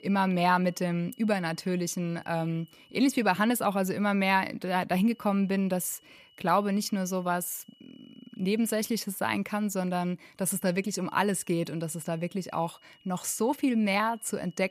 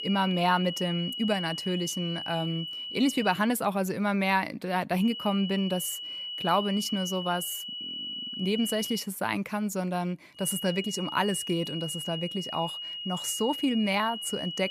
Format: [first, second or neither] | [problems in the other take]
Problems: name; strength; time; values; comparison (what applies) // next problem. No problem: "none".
first | high-pitched whine; loud; until 3.5 s, from 5 to 9 s and from 10 s on; 3 kHz, 6 dB below the speech; faint in the first